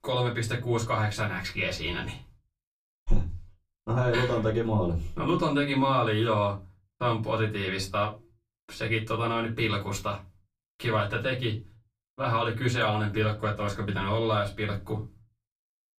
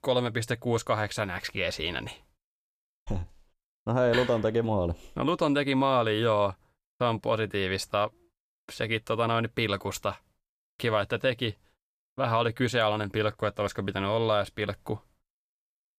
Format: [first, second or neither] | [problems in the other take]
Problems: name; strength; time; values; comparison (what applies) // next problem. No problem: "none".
second | off-mic speech; far // room echo; very slight; dies away in 0.3 s